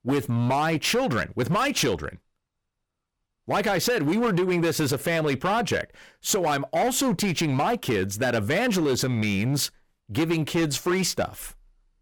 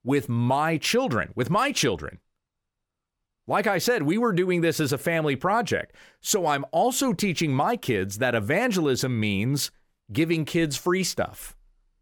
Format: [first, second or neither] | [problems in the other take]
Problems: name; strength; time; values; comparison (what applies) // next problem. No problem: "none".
second | distortion; slight; 13% of the sound clipped